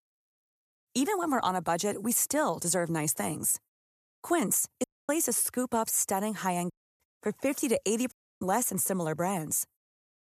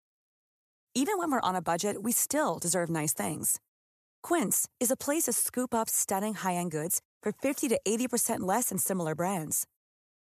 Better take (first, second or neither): second